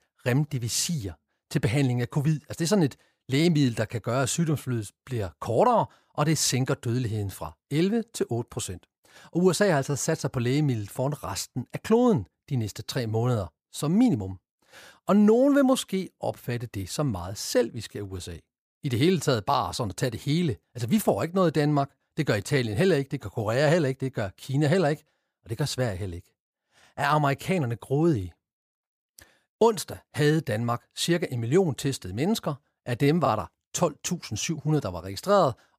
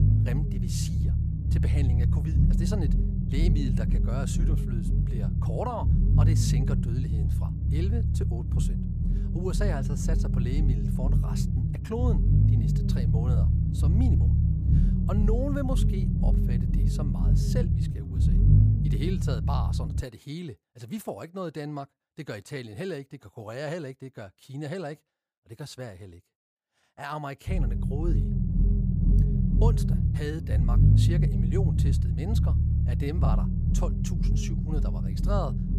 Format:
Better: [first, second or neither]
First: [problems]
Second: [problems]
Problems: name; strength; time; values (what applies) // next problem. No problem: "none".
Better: first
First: none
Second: low rumble; loud; until 20 s and from 27 s on; as loud as the speech